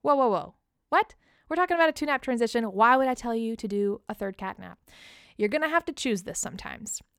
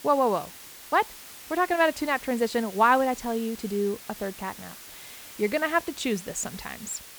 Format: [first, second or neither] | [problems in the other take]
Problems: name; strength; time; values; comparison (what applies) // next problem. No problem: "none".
first | hiss; noticeable; throughout; 15 dB below the speech